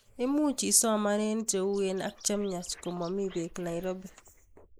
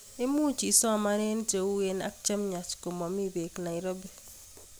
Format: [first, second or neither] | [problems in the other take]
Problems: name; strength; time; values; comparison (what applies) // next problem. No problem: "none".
second | noise reduction (neural mask model Resemble Enhance denoiser)